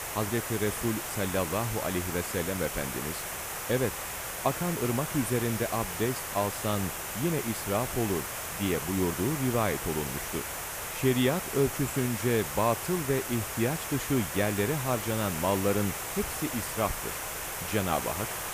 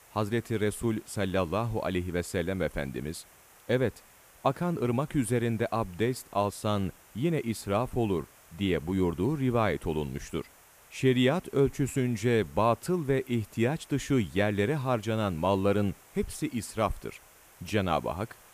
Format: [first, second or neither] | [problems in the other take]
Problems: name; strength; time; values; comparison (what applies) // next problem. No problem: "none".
second | hiss; loud; throughout; 3 dB below the speech; faint in the second